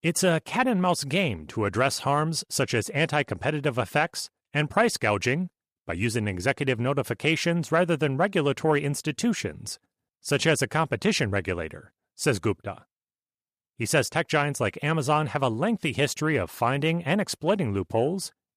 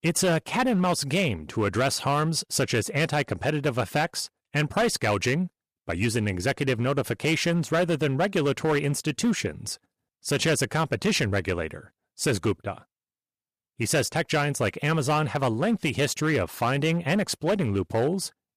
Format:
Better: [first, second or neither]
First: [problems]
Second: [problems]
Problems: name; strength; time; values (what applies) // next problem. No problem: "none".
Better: first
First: none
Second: distortion; slight; 7% of the sound clipped